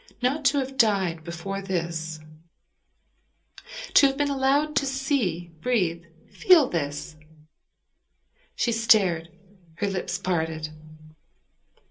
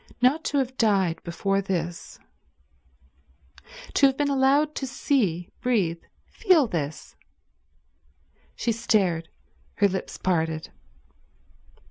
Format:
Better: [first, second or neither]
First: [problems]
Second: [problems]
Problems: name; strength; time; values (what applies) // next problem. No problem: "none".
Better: second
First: noise reduction (neural separator model SepFormer DNS4)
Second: none